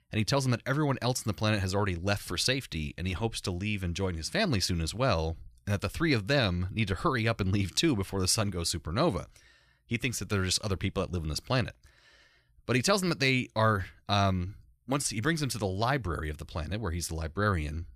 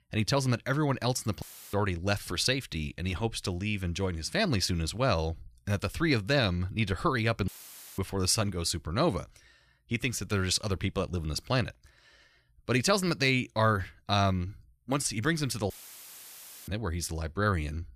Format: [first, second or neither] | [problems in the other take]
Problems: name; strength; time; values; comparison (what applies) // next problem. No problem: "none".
first | audio cutting out; filled with static; at 1.5 s, at 7.5 s for 0.5 s and at 16 s for 1 s